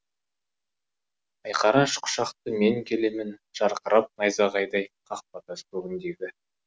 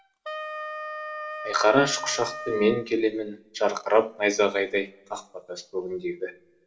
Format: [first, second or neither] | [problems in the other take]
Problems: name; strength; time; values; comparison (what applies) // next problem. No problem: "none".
first | background sound (Wind instrument, woodwind instrument); 12 dB below the speech // room echo; dies away in 0.7 s